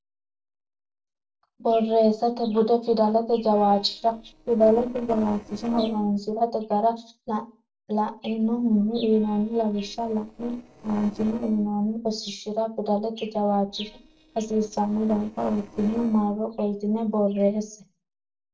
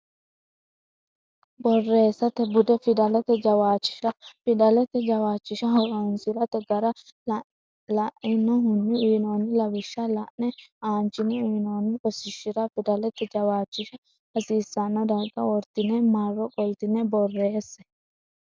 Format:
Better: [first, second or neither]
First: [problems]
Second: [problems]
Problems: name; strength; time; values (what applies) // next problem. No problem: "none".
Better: second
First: noise reduction (neural separator model SepFormer DNS4)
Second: none